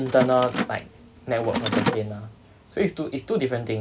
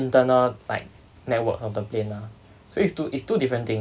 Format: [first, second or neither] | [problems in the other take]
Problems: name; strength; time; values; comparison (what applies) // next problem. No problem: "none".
second | background sound (Mechanisms); 5 dB below the speech